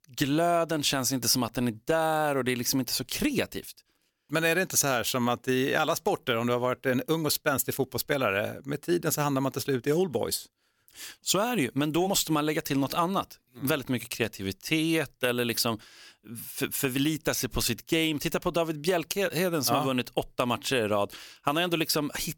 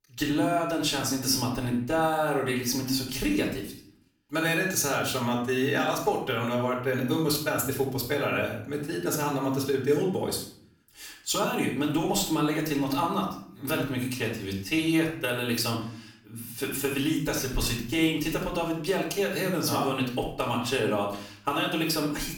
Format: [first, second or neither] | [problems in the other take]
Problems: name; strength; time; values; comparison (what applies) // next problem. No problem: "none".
first | off-mic speech; far // room echo; noticeable; dies away in 0.5 s